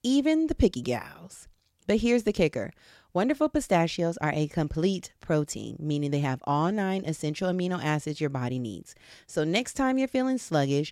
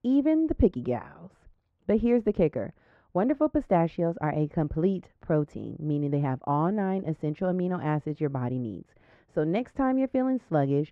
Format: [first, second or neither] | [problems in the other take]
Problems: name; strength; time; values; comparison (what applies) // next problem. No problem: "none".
first | muffled; very; fading above 3.5 kHz